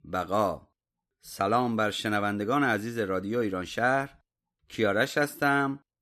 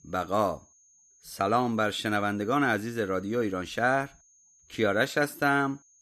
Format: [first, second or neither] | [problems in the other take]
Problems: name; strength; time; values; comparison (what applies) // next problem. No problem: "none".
first | high-pitched whine; faint; throughout; 6.5 kHz, 30 dB below the speech